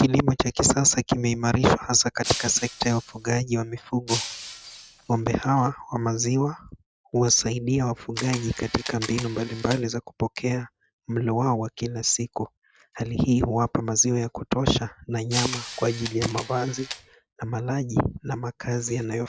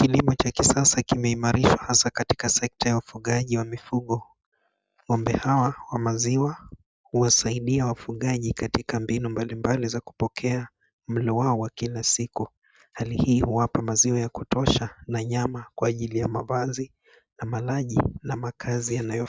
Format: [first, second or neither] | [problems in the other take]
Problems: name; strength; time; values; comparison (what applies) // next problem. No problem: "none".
second | background sound (Camera + Shatter); 10 dB below the speech